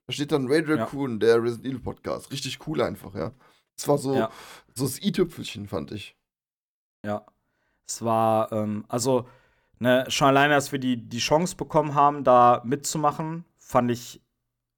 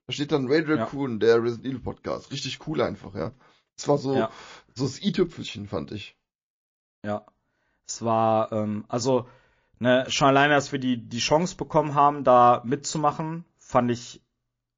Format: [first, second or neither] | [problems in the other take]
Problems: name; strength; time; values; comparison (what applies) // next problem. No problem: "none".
first | garbled, watery; slightly